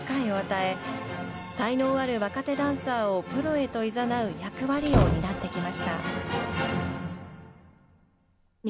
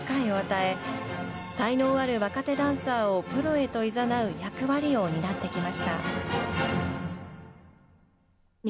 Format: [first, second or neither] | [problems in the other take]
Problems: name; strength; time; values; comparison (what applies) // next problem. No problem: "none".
second | background sound (Slam); 3 dB above the speech